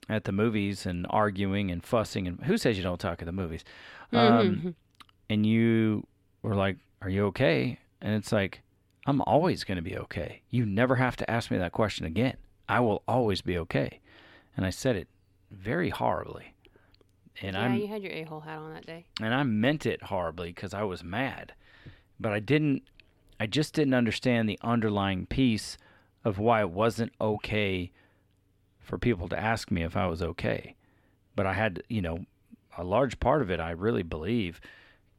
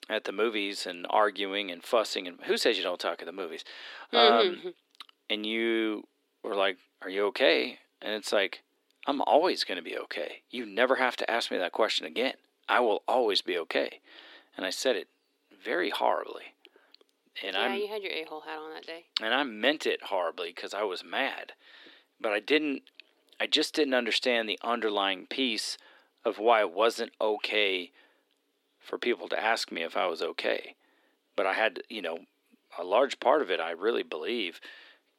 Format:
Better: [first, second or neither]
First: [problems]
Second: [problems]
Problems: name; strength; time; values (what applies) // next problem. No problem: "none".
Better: first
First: none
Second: thin; somewhat; fading below 300 Hz